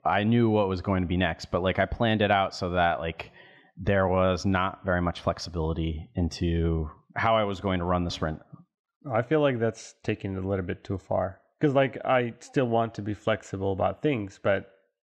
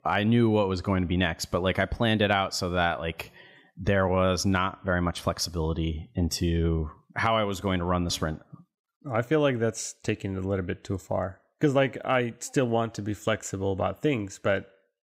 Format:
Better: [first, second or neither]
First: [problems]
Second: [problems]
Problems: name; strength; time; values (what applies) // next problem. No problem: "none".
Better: second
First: muffled; slightly; fading above 4 kHz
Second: none